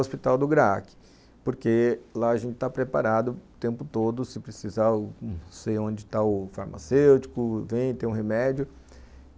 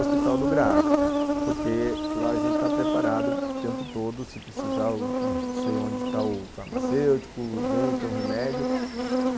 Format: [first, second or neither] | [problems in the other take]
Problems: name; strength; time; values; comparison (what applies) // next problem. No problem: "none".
first | background sound (Insect); 4 dB above the speech